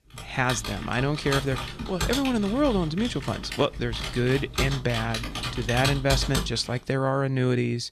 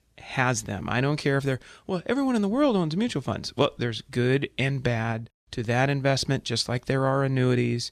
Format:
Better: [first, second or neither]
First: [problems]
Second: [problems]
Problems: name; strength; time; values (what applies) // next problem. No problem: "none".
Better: second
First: keyboard typing; loud; until 6.5 s; peak level with the speech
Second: none